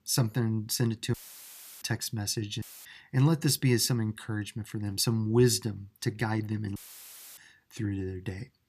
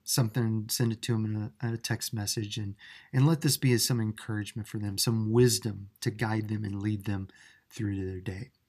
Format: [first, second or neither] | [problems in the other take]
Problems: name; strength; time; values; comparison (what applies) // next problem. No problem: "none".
second | audio cutting out; filled with static; at 1 s for 0.5 s, at 2.5 s and at 7 s for 0.5 s